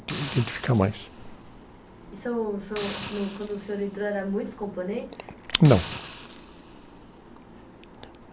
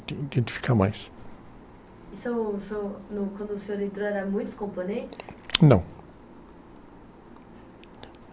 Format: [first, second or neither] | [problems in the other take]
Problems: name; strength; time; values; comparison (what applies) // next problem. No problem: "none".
second | background sound (Hiss); 15 dB below the speech